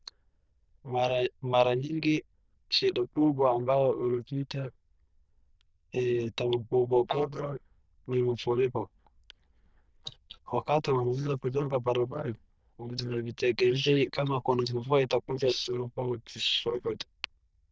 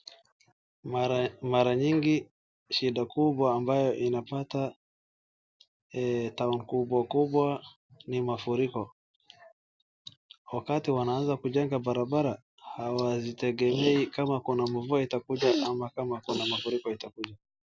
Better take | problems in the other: second | noise reduction (neural diffusion model UNIVERSE++)

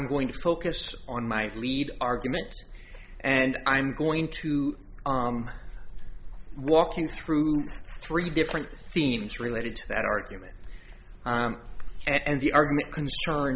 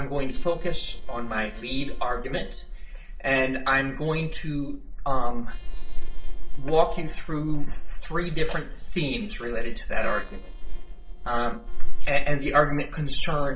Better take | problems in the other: first | noise reduction (neural separator model SepFormer DNS4)

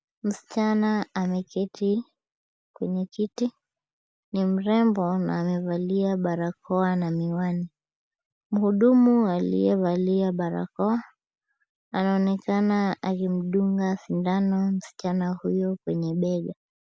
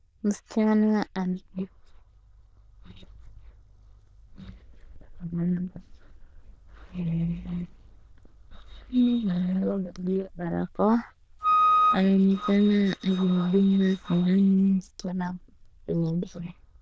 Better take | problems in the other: first | noise reduction (neural diffusion model UNIVERSE++)

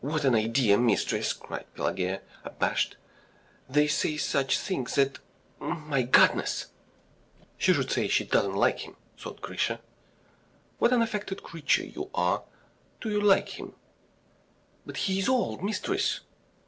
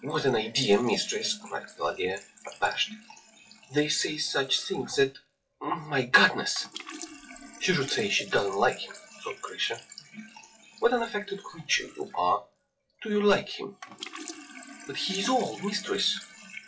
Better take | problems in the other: first | noise reduction (classical method WPE with log-MMSE)

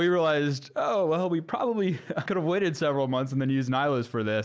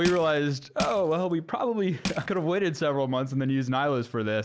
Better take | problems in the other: first | background sound (Crushing); 10 dB below the speech

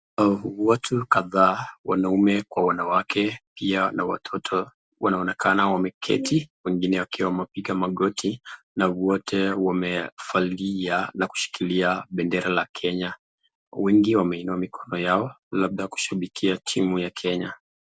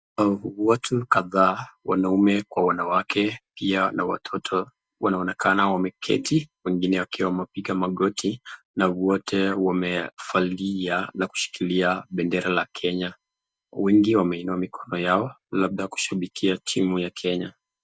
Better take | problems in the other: first | noise reduction (neural mask model DeepFilterNet 3)

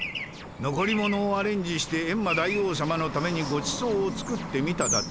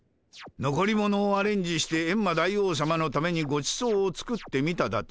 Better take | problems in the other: second | background sound (Traffic noise, roadway noise / Bird); 6 dB below the speech

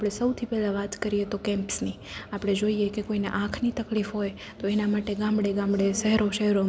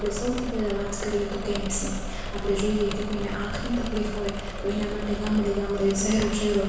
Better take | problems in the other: first | background sound (Engine / Mechanisms); 5 dB below the speech // room echo; dies away in 1.1 s

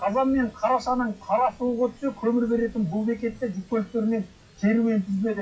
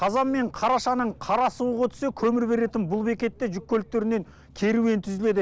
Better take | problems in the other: second | noise reduction (classical method WPE with log-MMSE)

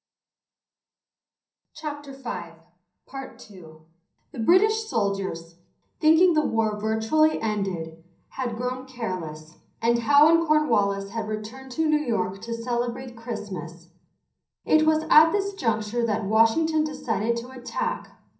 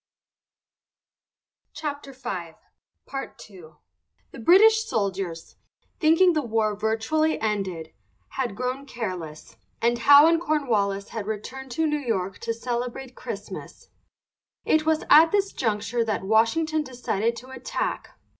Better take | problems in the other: second | room echo; dies away in 0.6 s

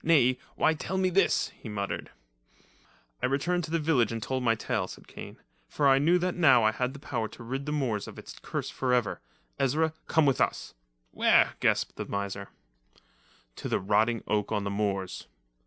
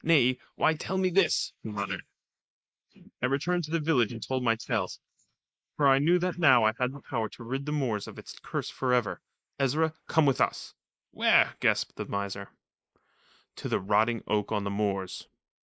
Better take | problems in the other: first | noise reduction (neural mask model Resemble Enhance denoiser)

